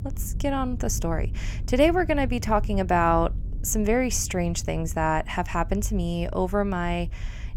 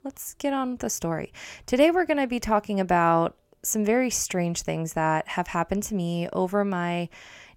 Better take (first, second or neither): second